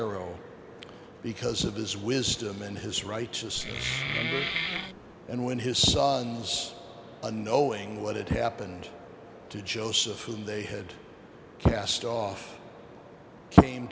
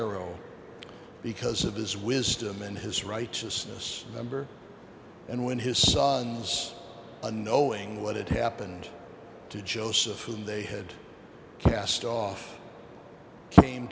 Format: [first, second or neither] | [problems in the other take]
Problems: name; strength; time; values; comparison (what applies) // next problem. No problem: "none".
second | background sound (Wood); 2 dB below the speech